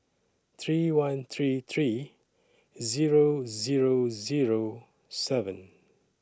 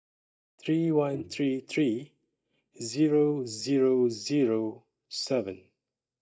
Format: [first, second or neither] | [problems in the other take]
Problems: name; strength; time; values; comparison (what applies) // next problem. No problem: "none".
first | noise reduction (neural mask model DeepFilterNet 3)